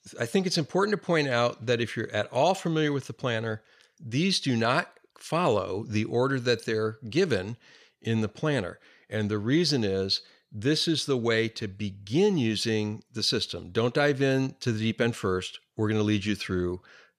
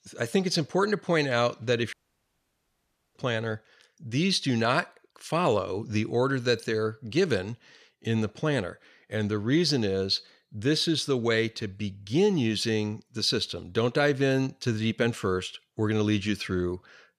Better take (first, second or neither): first